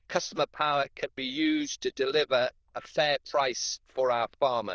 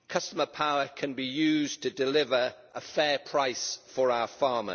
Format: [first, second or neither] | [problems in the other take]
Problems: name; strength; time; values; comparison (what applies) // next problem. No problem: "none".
second | noise reduction (neural diffusion model UNIVERSE++)